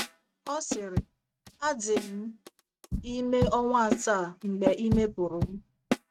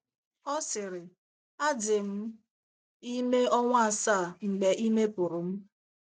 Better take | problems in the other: second | noise reduction (neural mask model RNNoise)

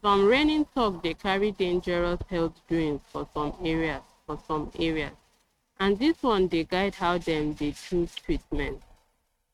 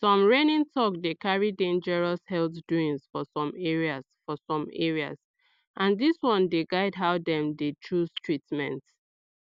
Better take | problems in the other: second | noise reduction (neural mask model RNNoise)

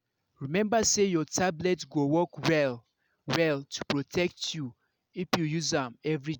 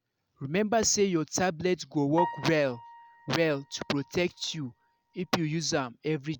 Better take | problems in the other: first | background sound (Piano); 12 dB below the speech

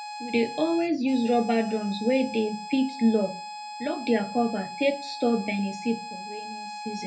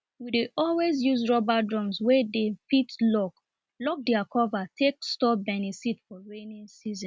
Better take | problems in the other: second | background sound (Harmonica); 11 dB below the speech // room echo; dies away in 0.3 s

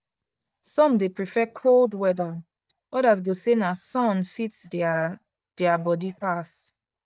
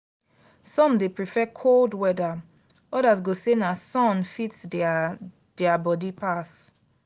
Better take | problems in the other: second | noise reduction (neural mask model DeepFilterNet 3)

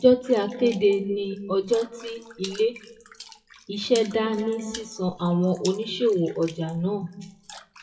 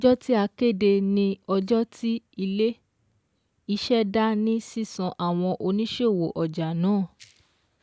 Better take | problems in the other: second | noise reduction (classical method WPE with log-MMSE)

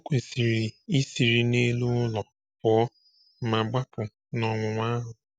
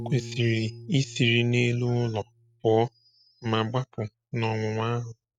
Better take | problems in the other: first | noise reduction (neural mask model RNNoise)

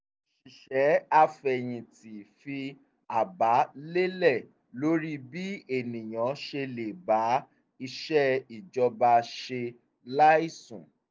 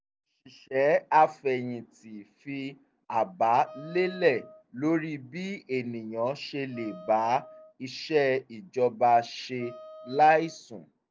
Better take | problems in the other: first | background sound (Wind instrument, woodwind instrument); 19 dB below the speech

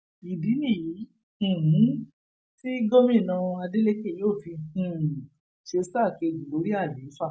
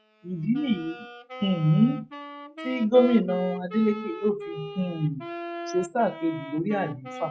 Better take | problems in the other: first | noise reduction (classical method log-MMSE)

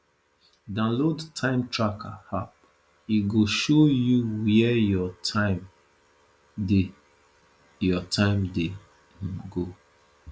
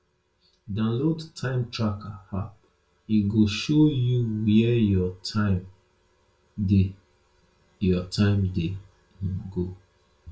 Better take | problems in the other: first | room echo; dies away in 0.2 s

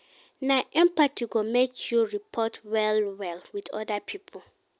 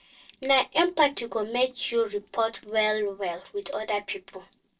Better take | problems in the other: first | noise reduction (neural separator model SepFormer DNS4)

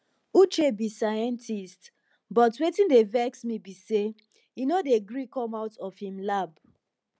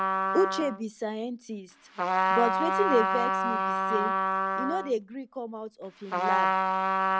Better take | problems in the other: first | background sound (Trumpet); 4 dB above the speech

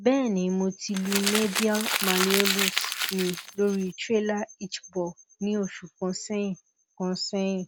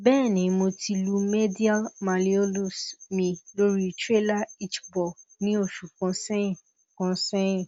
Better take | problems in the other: second | background sound (Crumpling, crinkling); 1 dB below the speech

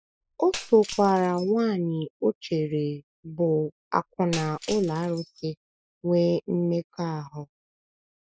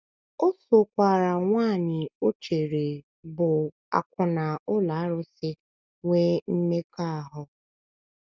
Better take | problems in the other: second | noise reduction (classical method Wiener filter)

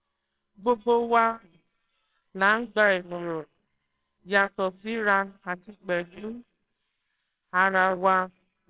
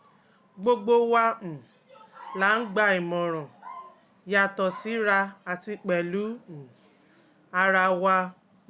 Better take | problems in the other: second | noise reduction (neural separator model SepFormer WHAMR!)

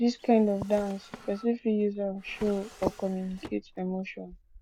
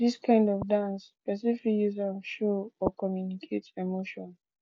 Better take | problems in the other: second | background sound (Drawer open or close); 20 dB below the speech

